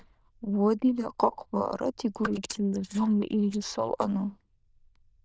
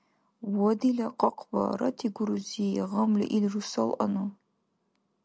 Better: second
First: noise reduction (neural diffusion model UNIVERSE++)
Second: none

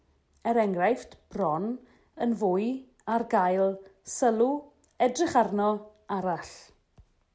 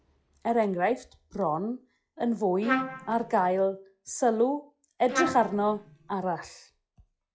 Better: first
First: none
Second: noise reduction (classical method log-MMSE)

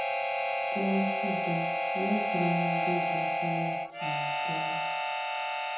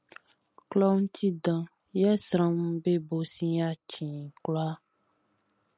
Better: second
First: background sound (Harmonica); 5 dB above the speech // room echo; dies away in 1 s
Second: none

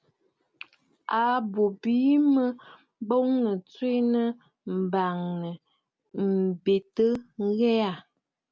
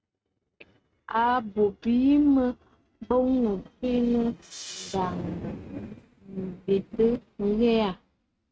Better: first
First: none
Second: noise reduction (neural mask model RNNoise)

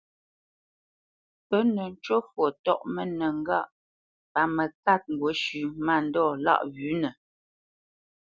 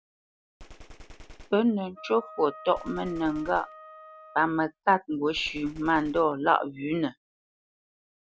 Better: first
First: none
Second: background sound (Gunshot, gunfire + Wind instrument, woodwind instrument); 18 dB below the speech

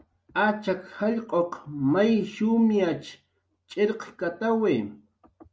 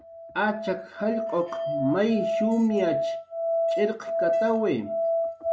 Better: first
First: none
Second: background sound (Musical instrument); as loud as the speech

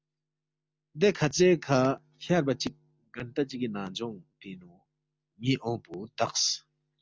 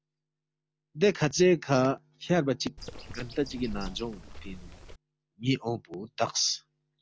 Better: first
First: none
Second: background sound (Bird); 11 dB below the speech

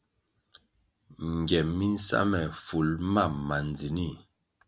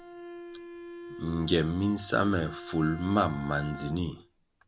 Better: first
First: none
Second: background sound (Bowed string instrument); 14 dB below the speech

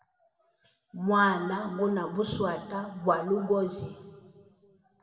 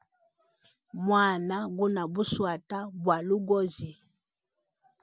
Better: second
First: room echo; dies away in 2 s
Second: none

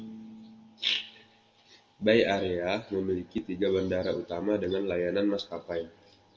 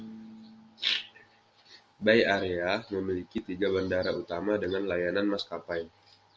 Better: second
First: room echo; dies away in 1.3 s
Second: none

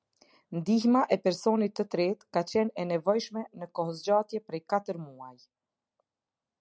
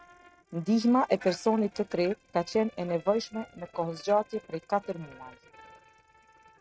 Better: first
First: none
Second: noise reduction (neural mask model RNNoise)

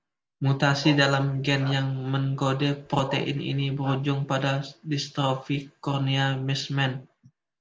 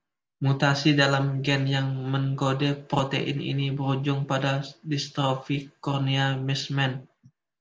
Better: second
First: background sound (Bark); 15 dB below the speech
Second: none

